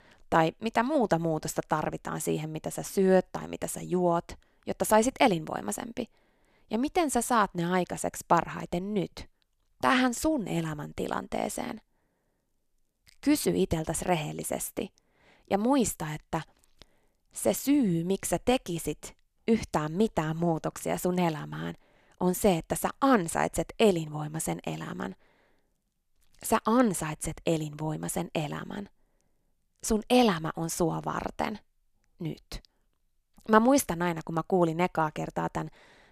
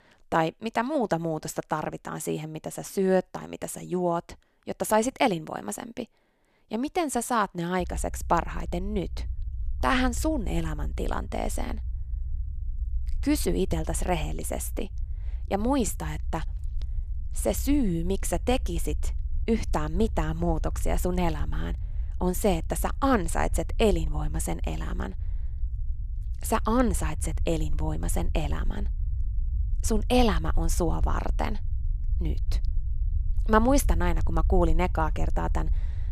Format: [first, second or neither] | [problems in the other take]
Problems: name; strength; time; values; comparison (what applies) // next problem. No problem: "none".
first | low rumble; faint; from 8 s on; 25 dB below the speech